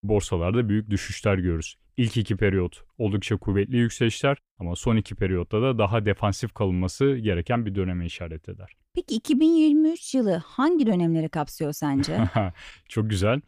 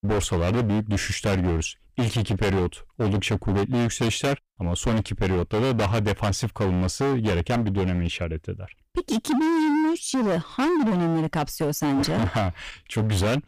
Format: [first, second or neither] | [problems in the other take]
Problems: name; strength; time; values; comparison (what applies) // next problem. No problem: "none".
first | distortion; heavy; 30% of the sound clipped